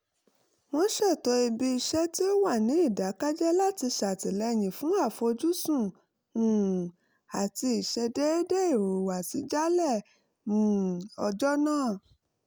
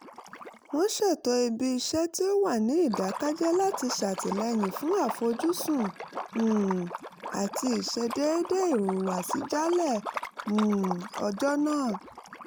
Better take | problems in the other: first | background sound (Liquid); 11 dB below the speech

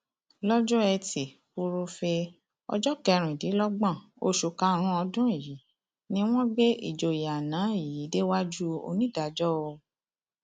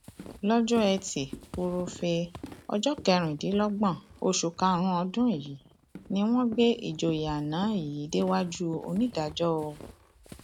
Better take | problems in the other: first | background sound (Walk, footsteps + Squeak / Walk, footsteps); 19 dB below the speech

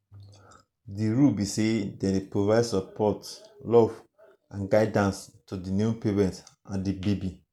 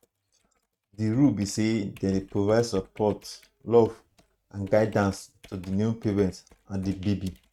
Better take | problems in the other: first | noise reduction (neural mask model RNNoise)

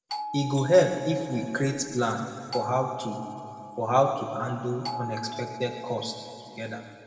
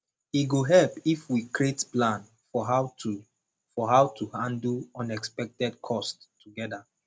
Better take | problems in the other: second | background sound (Doorbell); 12 dB below the speech // room echo; dies away in 2.2 s

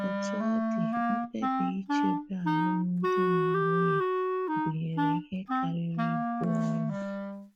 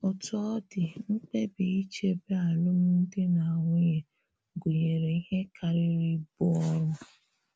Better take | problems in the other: second | background sound (Wind instrument, woodwind instrument); 4 dB above the speech

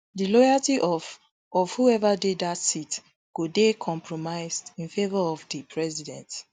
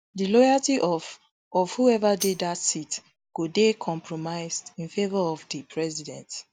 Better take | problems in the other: first | background sound (Tambourine); 15 dB below the speech

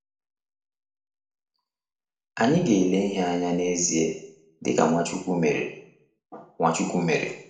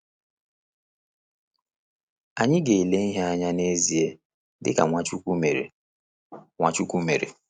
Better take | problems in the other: second | room echo; dies away in 0.6 s

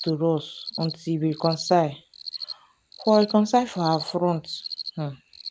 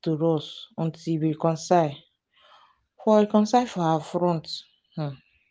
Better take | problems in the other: second | background sound (Cricket); 14 dB below the speech

